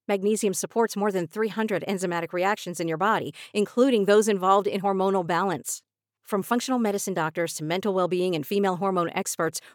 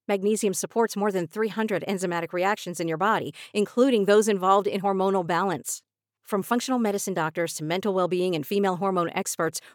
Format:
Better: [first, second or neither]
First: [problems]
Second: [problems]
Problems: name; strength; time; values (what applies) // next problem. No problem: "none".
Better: neither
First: none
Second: none